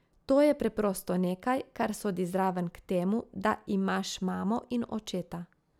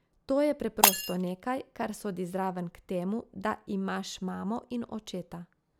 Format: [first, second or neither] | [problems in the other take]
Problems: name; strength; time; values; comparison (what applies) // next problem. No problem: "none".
first | background sound (Shatter); as loud as the speech